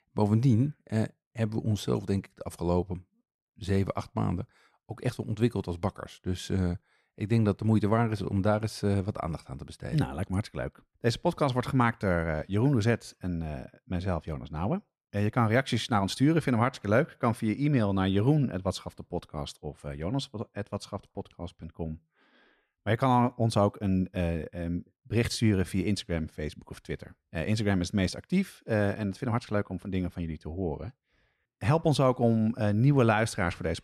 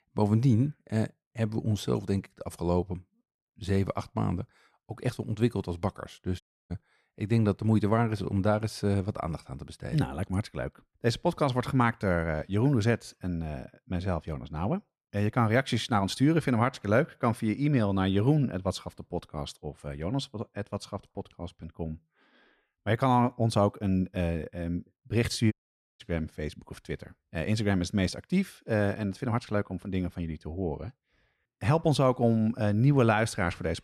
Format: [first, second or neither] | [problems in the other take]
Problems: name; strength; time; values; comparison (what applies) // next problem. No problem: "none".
first | audio cutting out; at 6.5 s and at 26 s